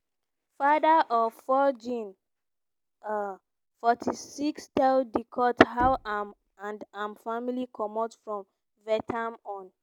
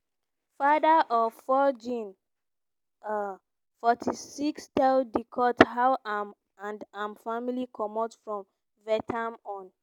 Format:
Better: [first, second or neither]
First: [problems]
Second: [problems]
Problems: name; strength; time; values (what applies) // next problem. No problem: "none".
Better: second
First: background sound (Knock); 16 dB below the speech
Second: none